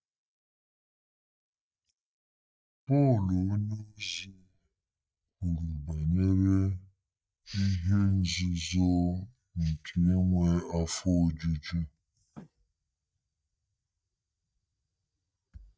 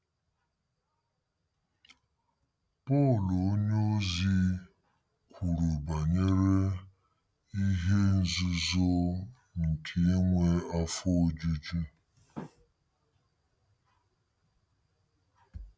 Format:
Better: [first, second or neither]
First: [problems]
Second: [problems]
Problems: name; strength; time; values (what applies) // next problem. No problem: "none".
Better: second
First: noise reduction (neural mask model DeepFilterNet 3)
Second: none